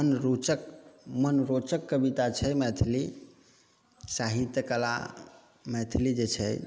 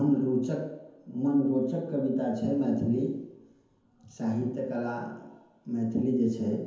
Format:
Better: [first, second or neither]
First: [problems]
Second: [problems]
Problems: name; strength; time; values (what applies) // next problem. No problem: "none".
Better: first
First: none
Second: room echo; dies away in 0.9 s